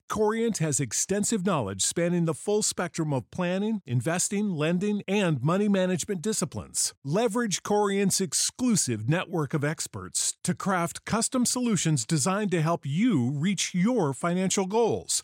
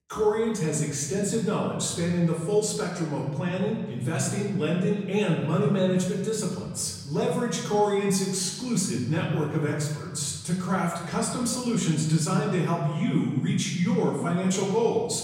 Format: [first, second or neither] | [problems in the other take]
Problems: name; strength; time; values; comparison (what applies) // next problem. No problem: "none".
first | off-mic speech; far // room echo; noticeable; dies away in 1.5 s